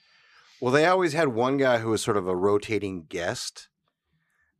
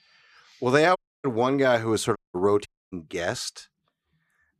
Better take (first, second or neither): first